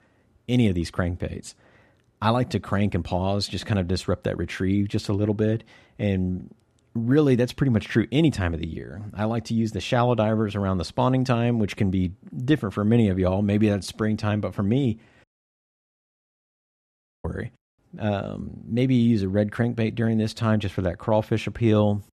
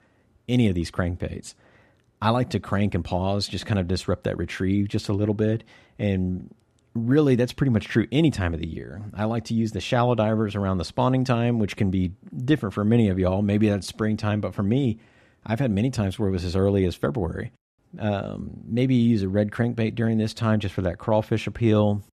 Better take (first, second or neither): second